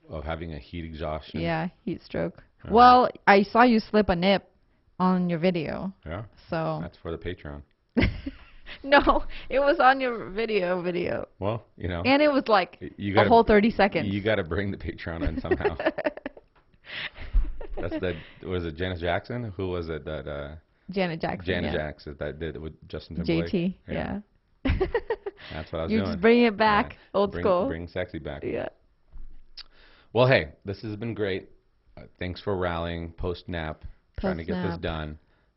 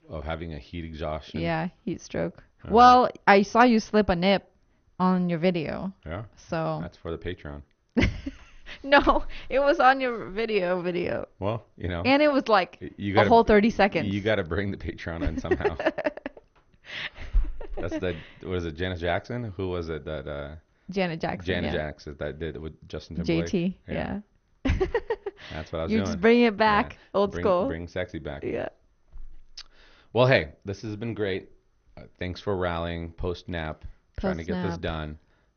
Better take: second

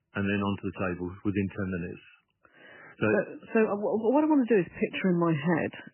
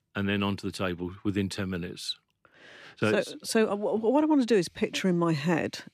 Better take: second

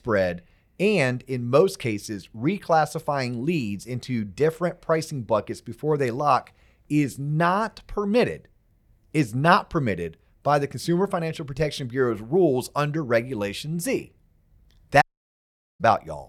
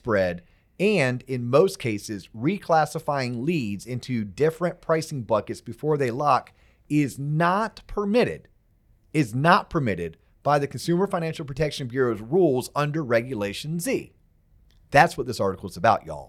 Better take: second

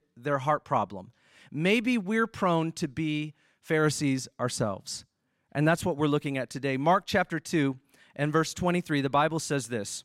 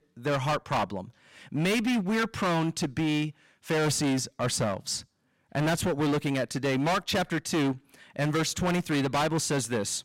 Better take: first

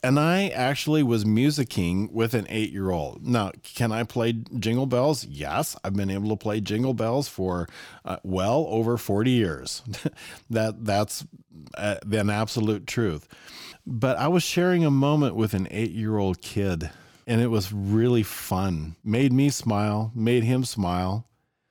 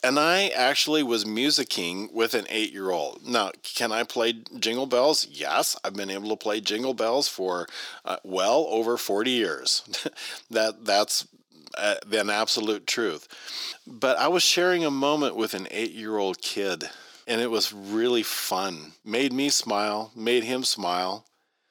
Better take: first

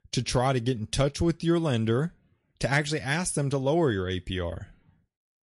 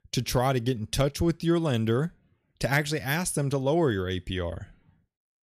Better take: second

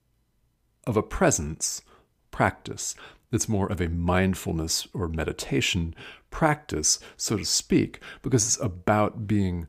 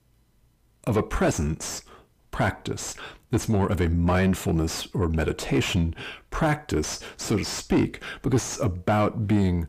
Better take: first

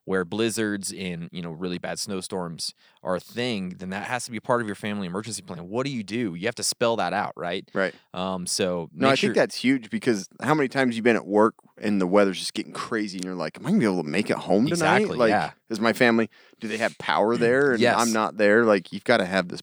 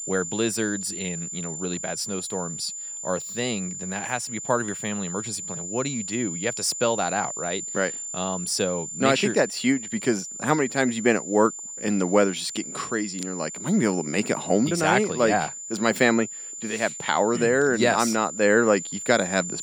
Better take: first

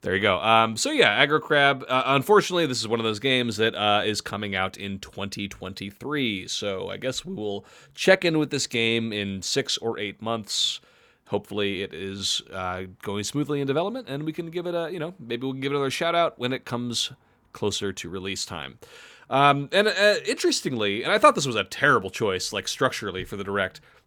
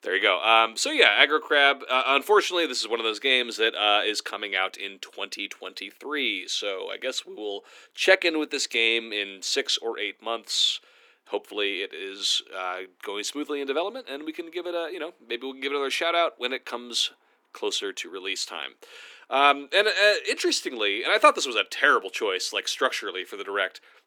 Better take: first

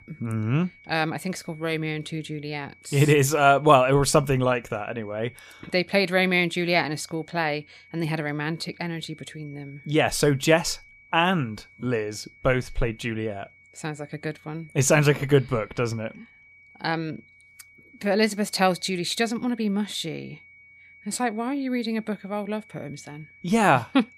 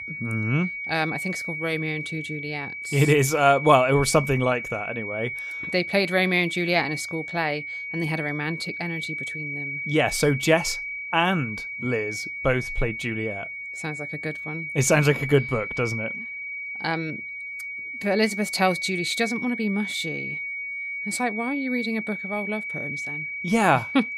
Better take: first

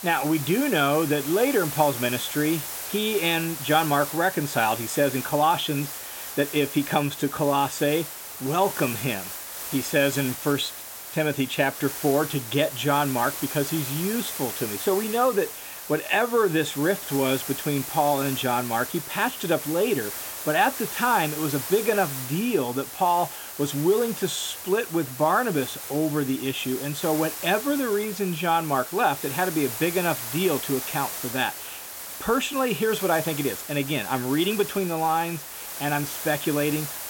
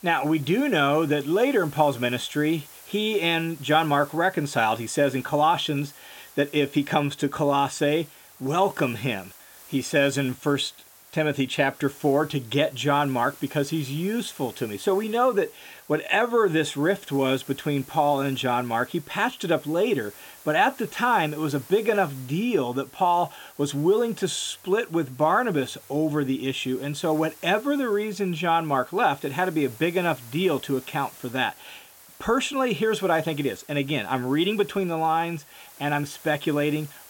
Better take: second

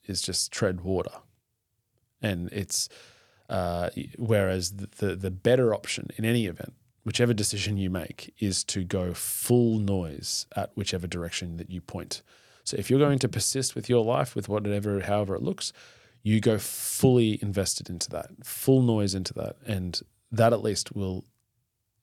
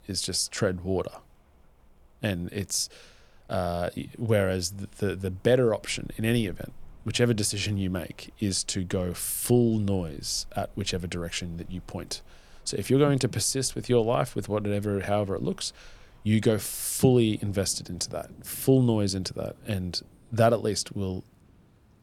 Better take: first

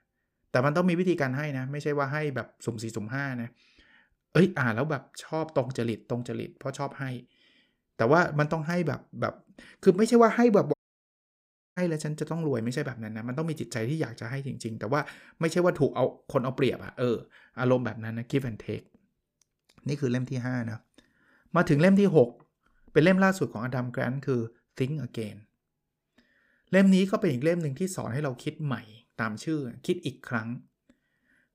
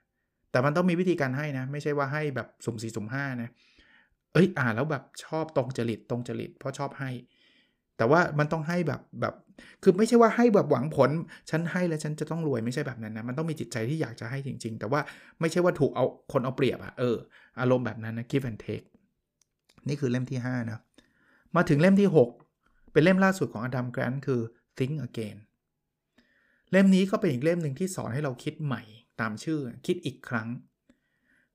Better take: second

